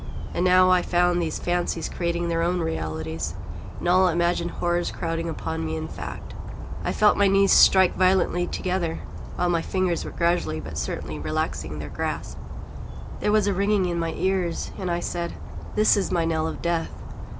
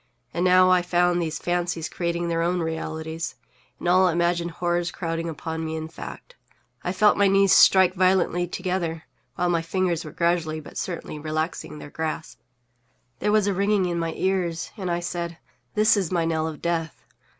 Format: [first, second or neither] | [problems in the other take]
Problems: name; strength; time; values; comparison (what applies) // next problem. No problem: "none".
second | background sound (Bird vocalization, bird call, bird song); 6 dB below the speech